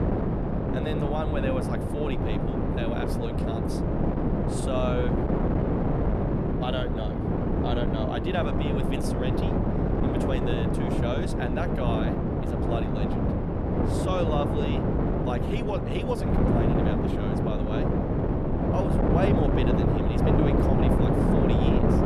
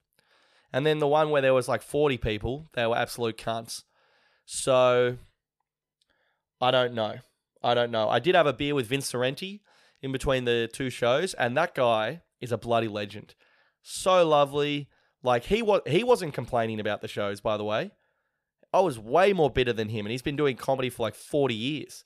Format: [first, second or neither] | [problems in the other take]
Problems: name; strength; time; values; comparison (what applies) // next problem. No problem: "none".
second | wind noise on the microphone; heavy; 3 dB above the speech